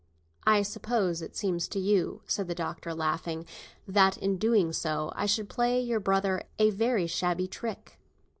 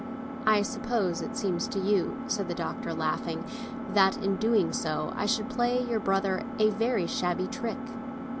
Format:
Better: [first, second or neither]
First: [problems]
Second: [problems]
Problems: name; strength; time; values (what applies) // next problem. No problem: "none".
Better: first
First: none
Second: background sound (Engine); 7 dB below the speech